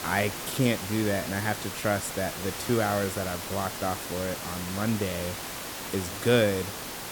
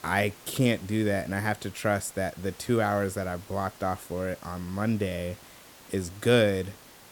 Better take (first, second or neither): second